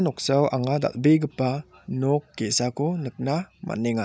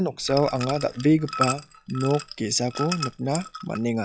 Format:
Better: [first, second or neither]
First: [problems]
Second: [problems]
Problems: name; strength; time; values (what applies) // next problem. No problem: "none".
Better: first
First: none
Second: noise reduction (classical method log-MMSE)